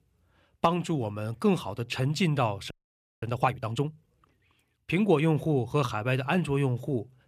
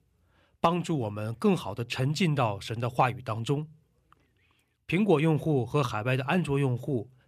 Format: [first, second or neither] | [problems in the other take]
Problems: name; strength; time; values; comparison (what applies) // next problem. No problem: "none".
second | audio freezing; at 2.5 s for 0.5 s